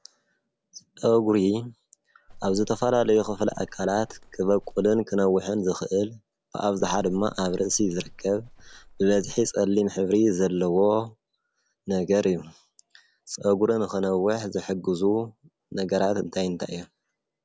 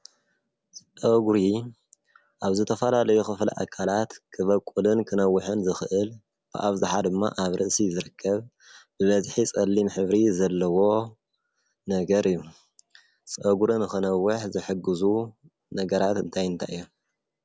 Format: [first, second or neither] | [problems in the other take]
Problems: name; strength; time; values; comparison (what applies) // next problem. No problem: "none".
second | background sound (Livestock, farm animals, working animals); 19 dB below the speech